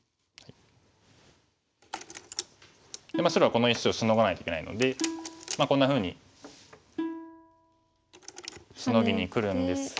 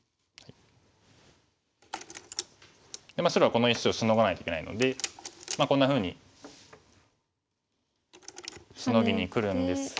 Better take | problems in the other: second | background sound (Plucked string instrument); 10 dB below the speech

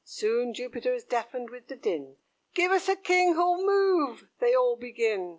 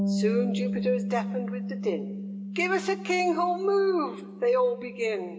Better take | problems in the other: first | background sound (Bass guitar); 5 dB below the speech // room echo; dies away in 0.9 s

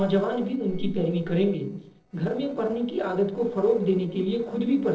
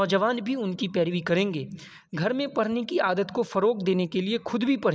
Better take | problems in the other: second | noise reduction (neural separator model SepFormer DNS4)

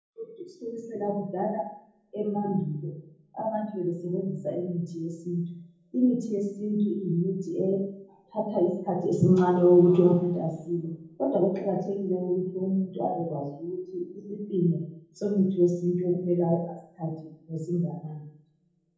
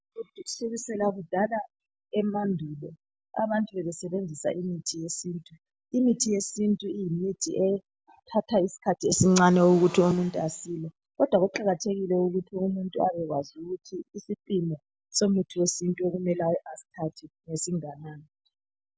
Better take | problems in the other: second | room echo; dies away in 0.7 s

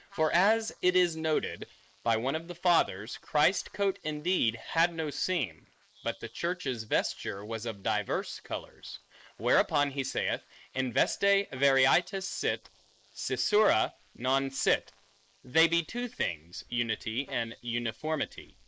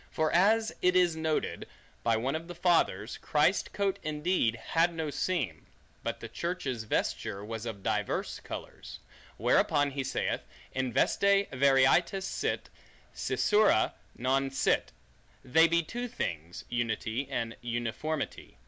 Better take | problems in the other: second | noise reduction (neural mask model Resemble Enhance denoiser)

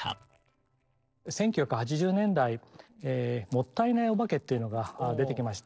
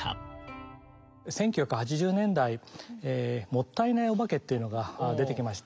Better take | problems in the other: second | noise reduction (neural separator model SepFormer DNS4)

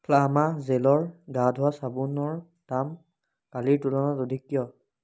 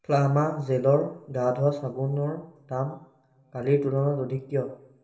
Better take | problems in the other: first | room echo; dies away in 1.3 s

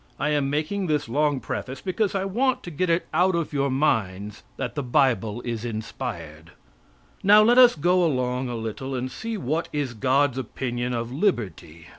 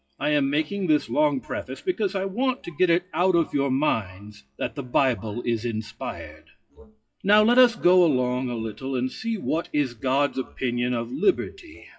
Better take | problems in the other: first | noise reduction (classical method WPE with log-MMSE)

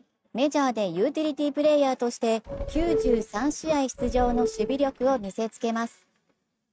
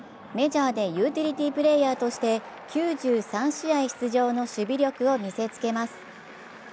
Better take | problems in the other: second | noise reduction (neural mask model RNNoise)

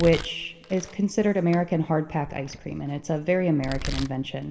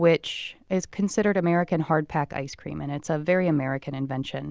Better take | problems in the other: second | background sound (Domestic sounds, home sounds); 13 dB below the speech // room echo; dies away in 1.6 s

